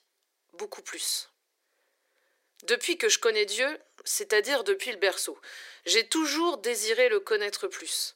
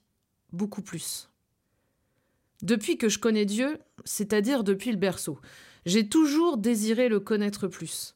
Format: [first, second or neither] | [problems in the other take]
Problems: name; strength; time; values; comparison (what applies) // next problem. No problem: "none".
second | thin; very; fading below 350 Hz